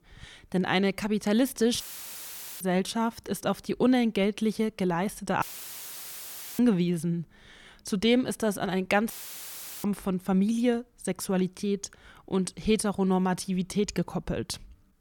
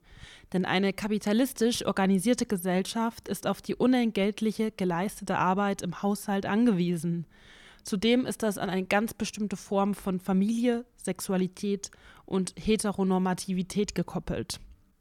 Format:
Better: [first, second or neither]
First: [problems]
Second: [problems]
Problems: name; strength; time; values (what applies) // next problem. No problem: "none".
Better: second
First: audio cutting out; filled with static; at 2 s for 1 s, at 5.5 s for 1 s and at 9 s for 0.5 s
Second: none